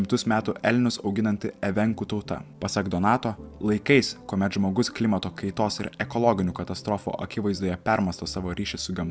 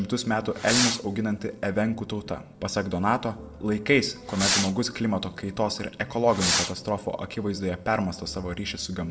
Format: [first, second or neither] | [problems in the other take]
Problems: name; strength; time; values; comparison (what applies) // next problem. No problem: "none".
first | background sound (Fireworks); 4 dB below the speech // room echo; dies away in 1.3 s